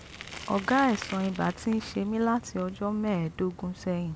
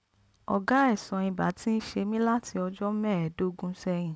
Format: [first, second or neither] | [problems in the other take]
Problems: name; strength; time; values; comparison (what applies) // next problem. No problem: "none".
second | background sound (Bicycle); 15 dB below the speech